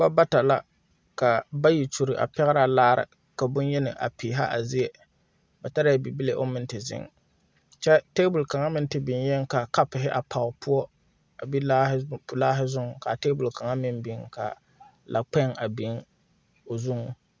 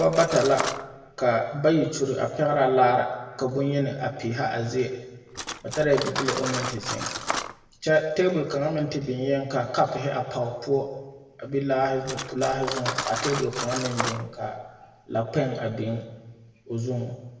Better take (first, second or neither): first